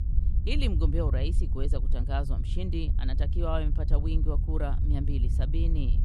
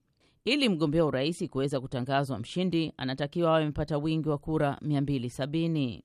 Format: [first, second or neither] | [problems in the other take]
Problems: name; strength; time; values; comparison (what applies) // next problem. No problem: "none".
second | low rumble; loud; throughout; 9 dB below the speech